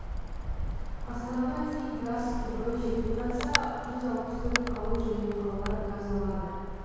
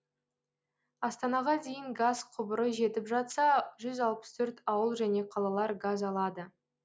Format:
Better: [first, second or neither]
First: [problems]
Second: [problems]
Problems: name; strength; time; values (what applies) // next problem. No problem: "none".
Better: second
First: background sound (Wind); 1 dB below the speech // room echo; dies away in 2 s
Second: none